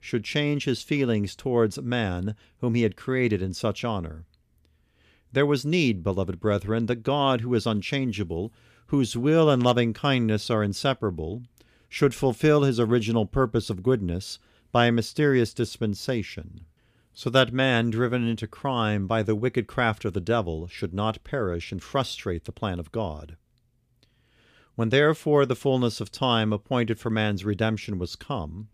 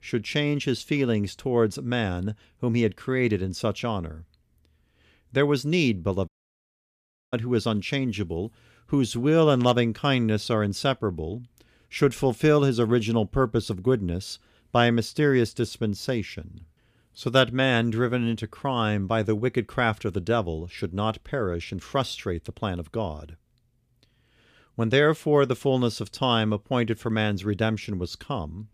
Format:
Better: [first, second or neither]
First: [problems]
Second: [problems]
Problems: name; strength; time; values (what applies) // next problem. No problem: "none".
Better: first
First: none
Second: audio cutting out; at 6.5 s for 1 s